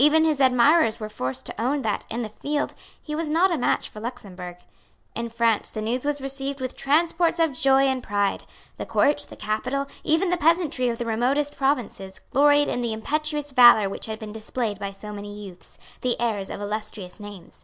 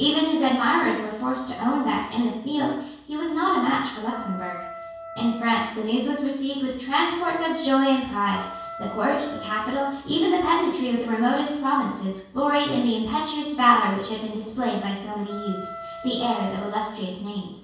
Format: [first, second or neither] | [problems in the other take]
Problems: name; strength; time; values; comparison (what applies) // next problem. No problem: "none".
first | background sound (Wind instrument, woodwind instrument); 14 dB below the speech // room echo; dies away in 0.6 s